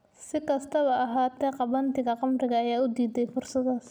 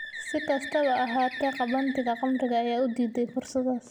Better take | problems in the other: first | background sound (Bird); 12 dB below the speech

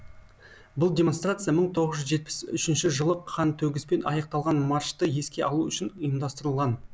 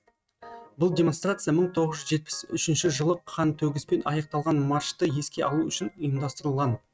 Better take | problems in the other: first | noise reduction (neural mask model RNNoise)

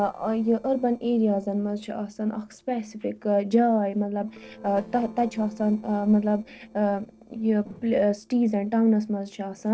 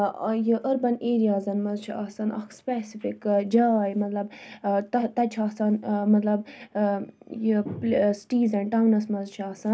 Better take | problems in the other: second | noise reduction (neural separator model SepFormer DNS4)

